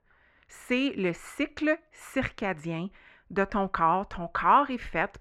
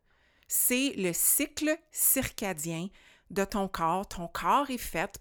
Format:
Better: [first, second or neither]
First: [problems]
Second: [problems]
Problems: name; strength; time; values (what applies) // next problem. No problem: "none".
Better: second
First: muffled; very; fading above 2 kHz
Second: none